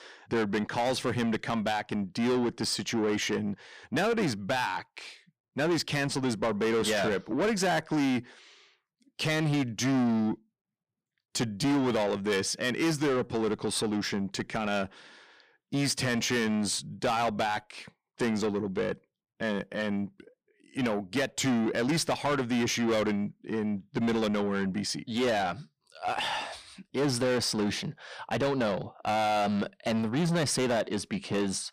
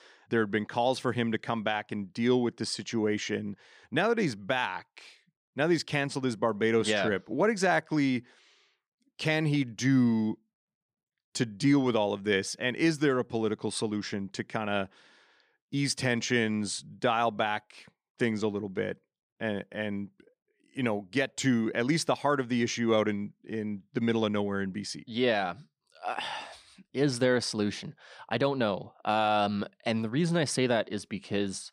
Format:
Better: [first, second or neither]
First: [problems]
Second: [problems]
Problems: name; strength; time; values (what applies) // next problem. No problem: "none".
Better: second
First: distortion; heavy; 7 dB below the speech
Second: none